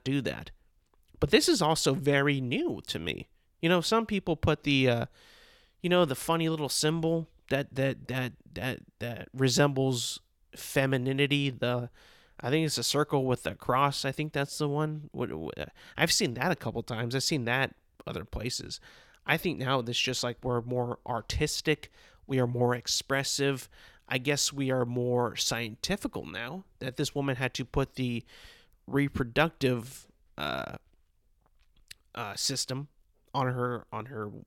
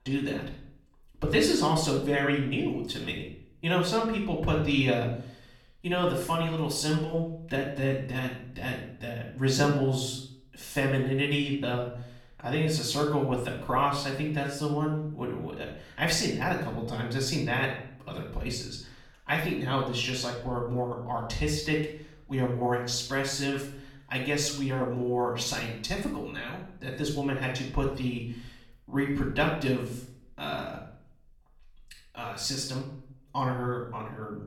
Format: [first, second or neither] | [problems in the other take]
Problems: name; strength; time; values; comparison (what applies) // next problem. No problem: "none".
first | off-mic speech; far // room echo; noticeable; dies away in 0.5 s